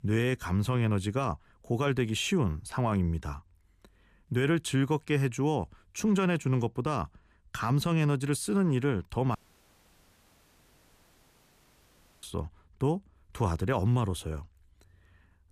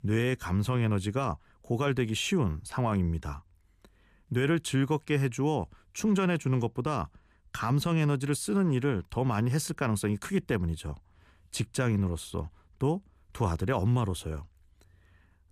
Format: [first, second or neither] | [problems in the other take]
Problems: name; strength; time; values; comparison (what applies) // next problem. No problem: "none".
second | audio cutting out; at 9.5 s for 3 s